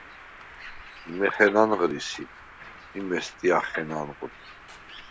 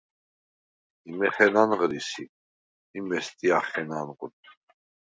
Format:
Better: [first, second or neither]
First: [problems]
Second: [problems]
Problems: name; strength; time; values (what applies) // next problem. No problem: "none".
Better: second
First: background sound (Bird); 18 dB below the speech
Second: none